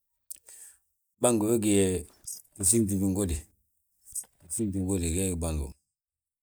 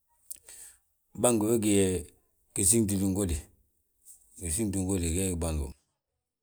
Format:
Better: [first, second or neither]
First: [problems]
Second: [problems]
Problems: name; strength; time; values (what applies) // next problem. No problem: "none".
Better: second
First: noise reduction (neural mask model DeepFilterNet 3)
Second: none